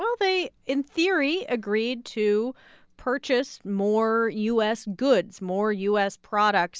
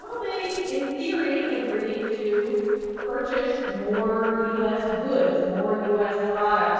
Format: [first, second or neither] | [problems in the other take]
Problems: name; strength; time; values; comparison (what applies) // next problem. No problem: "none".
first | noise reduction (neural separator model SepFormer DNS4)